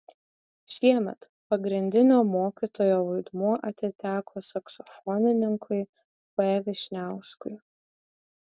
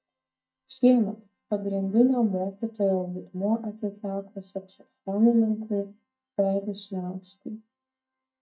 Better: first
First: none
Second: noise reduction (neural mask model DeepFilterNet 3)

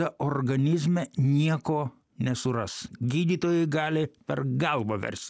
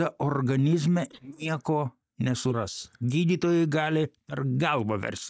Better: first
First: none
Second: noise reduction (neural mask model DeepFilterNet 3)

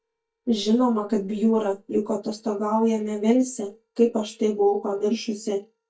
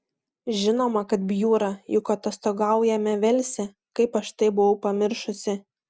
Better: second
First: noise reduction (neural mask model DeepFilterNet 3)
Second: none

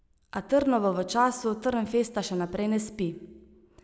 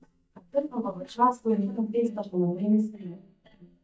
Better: first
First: none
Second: noise reduction (neural mask model DeepFilterNet 3)

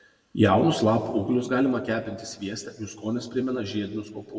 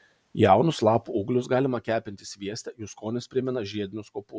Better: second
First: room echo; dies away in 1.3 s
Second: none

